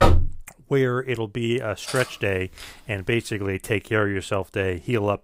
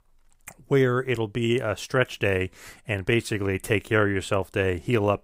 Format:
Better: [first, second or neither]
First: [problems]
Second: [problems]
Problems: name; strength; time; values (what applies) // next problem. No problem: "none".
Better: second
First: door banging; loud; at the start; peak 6 dB above the speech // clattering dishes; noticeable; from 2 to 3.5 s; peak 8 dB below the speech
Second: none